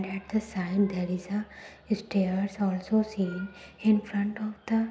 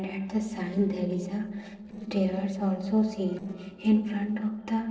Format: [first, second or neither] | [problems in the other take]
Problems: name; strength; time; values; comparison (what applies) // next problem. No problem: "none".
first | noise reduction (neural separator model SepFormer DNS4)